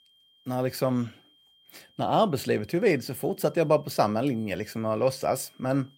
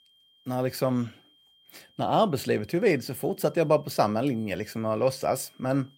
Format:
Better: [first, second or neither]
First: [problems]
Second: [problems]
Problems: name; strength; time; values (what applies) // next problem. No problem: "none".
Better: neither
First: high-pitched whine; faint; throughout; 3 kHz, 30 dB below the speech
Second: high-pitched whine; faint; throughout; 3 kHz, 30 dB below the speech